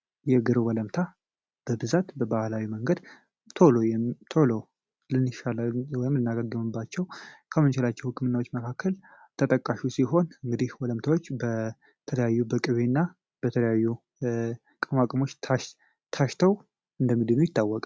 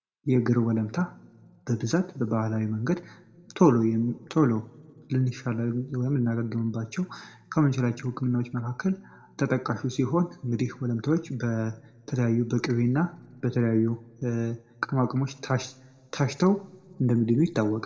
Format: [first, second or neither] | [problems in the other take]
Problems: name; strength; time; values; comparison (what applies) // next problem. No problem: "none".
first | room echo; dies away in 0.7 s